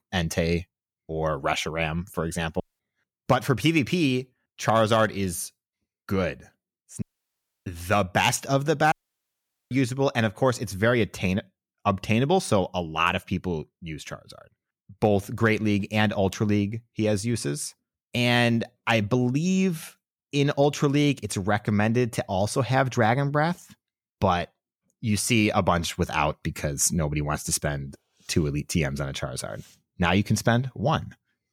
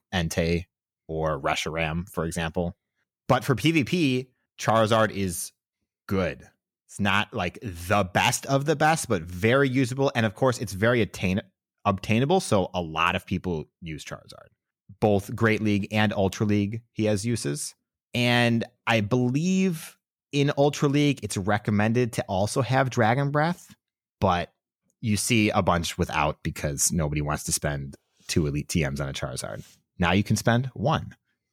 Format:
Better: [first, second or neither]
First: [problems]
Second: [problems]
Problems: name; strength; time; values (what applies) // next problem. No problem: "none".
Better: second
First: audio cutting out; at 2.5 s, at 7 s for 0.5 s and at 9 s for 1 s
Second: none